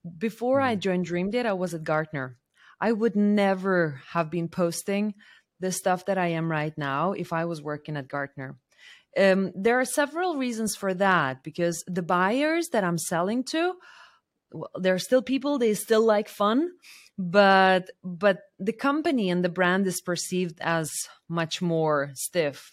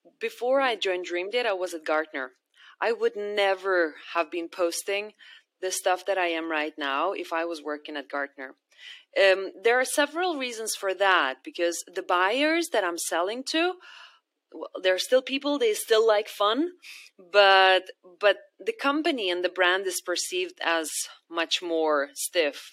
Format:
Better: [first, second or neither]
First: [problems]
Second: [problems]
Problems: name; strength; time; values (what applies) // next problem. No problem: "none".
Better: first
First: none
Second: thin; somewhat; fading below 300 Hz